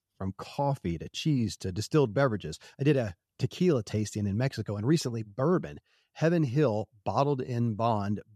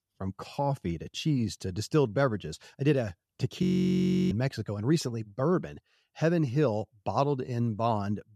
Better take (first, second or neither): first